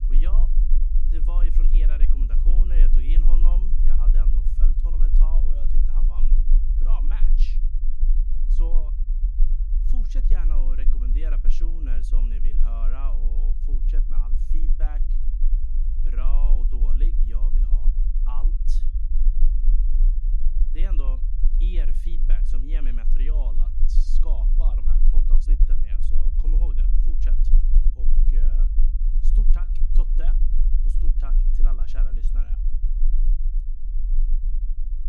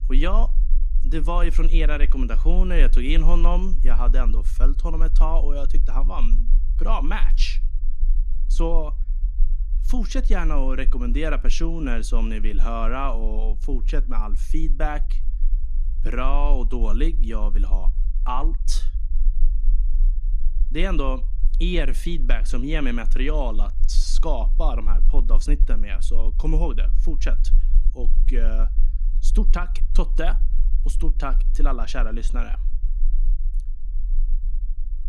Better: second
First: low rumble; loud; throughout; 4 dB below the speech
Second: low rumble; faint; throughout; 20 dB below the speech

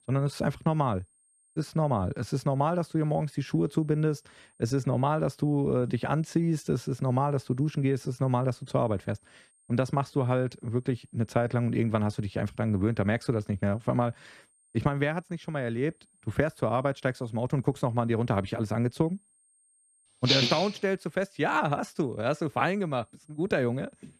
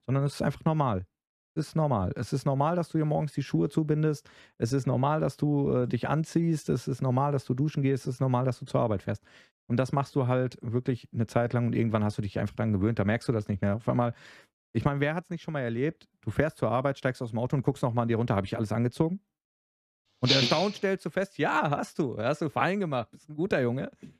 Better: second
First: high-pitched whine; faint; throughout; 8.5 kHz, 35 dB below the speech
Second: none

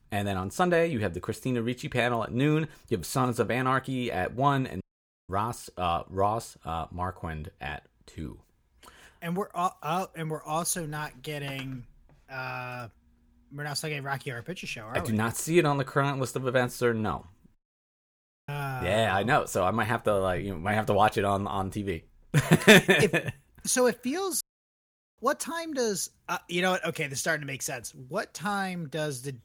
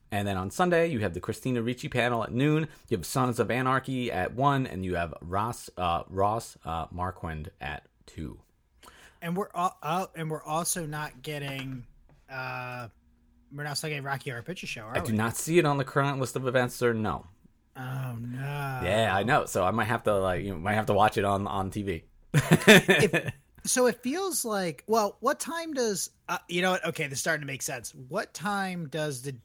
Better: second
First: audio cutting out; at 5 s, at 18 s for 1 s and at 24 s for 1 s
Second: none

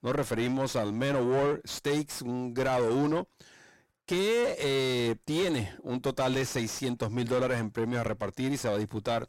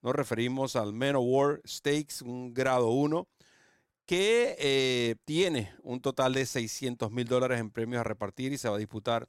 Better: second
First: distortion; heavy; 6 dB below the speech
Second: none

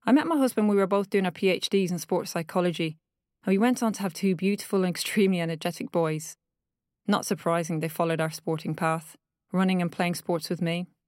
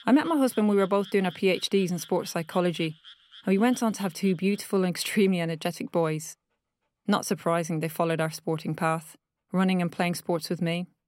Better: first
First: none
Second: animal sounds; faint; throughout; 20 dB below the speech

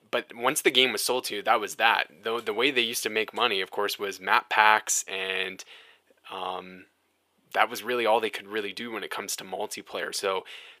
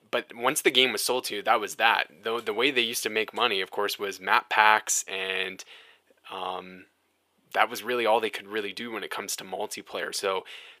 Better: neither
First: thin; very; fading below 550 Hz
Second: thin; very; fading below 550 Hz

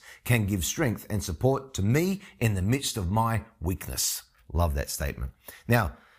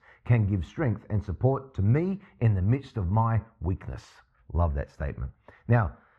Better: first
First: none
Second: muffled; very; fading above 1.5 kHz

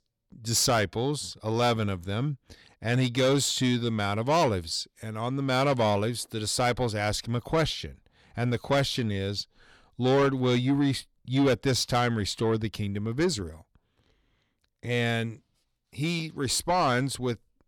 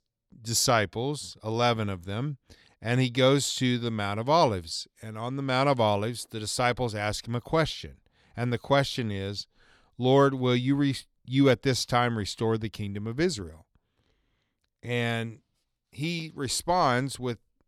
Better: second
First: distortion; slight; 10 dB below the speech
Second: none

